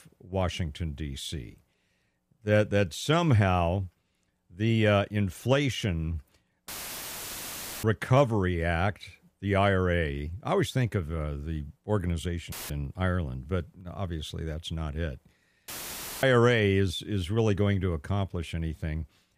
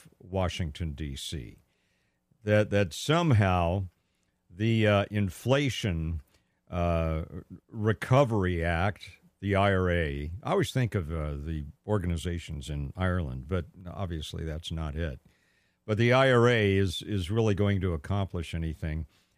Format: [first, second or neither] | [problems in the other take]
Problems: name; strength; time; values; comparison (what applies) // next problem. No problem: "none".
second | audio cutting out; filled with static; at 6.5 s for 1 s, at 13 s and at 16 s for 0.5 s